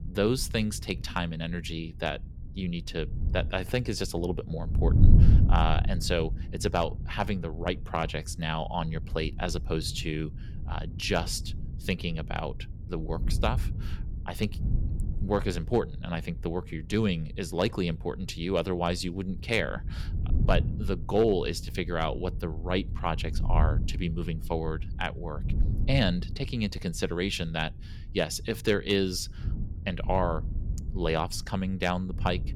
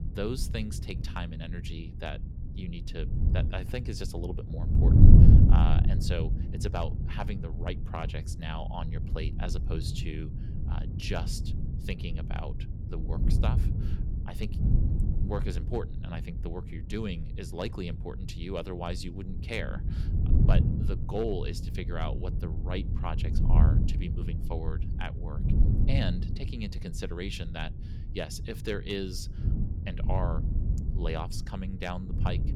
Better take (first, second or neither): first